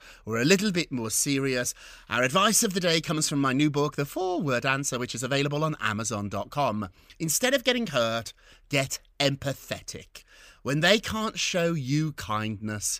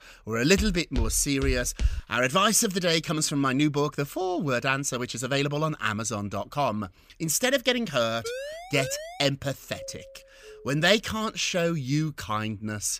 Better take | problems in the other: first | footsteps; noticeable; from 0.5 to 2 s; peak 5 dB below the speech // siren; noticeable; at 8 s; peak 9 dB below the speech // doorbell; faint; from 9.5 to 11 s; peak 20 dB below the speech

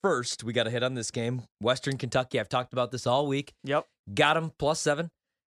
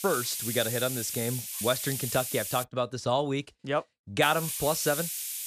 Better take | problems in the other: first | hiss; loud; until 2.5 s and from 4 s on; 3 dB below the speech

